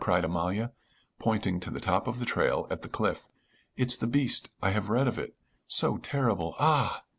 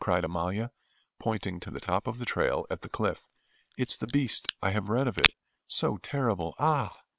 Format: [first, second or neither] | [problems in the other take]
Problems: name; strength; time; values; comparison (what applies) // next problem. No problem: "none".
first | noise reduction (neural separator model SepFormer WHAM!)